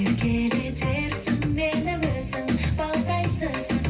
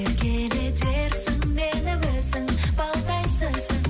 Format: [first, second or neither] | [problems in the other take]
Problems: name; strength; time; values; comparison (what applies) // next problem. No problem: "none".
second | room echo; dies away in 0.3 s